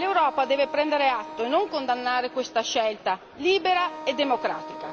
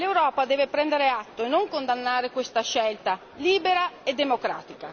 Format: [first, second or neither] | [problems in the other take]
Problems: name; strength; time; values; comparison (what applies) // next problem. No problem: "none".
second | background sound (Wind instrument, woodwind instrument); 14 dB below the speech